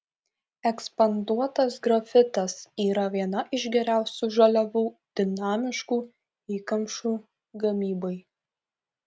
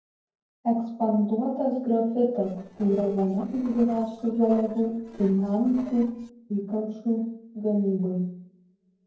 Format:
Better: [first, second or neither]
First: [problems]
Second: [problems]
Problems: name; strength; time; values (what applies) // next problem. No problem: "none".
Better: first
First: none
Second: noise reduction (neural separator model SepFormer DNS4)